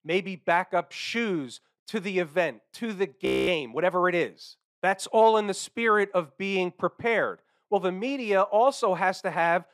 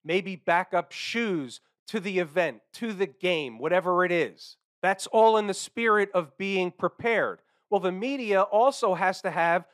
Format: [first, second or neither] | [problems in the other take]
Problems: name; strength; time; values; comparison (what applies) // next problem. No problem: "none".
second | audio freezing; at 3.5 s